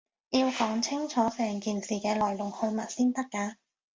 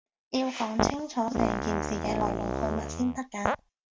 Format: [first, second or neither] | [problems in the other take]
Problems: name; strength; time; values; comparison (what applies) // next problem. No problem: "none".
first | background sound (Fart); 1 dB above the speech